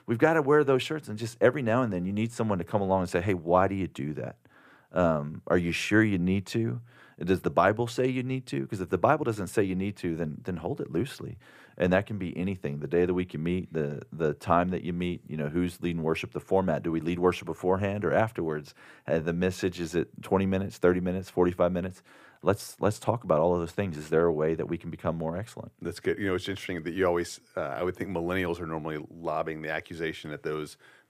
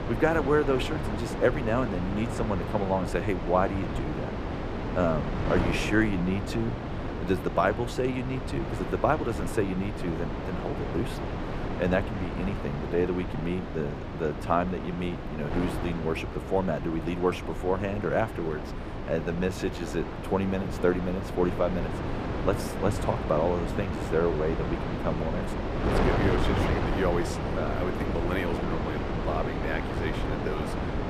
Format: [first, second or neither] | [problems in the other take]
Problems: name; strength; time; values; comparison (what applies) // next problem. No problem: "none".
first | wind noise on the microphone; heavy; 4 dB below the speech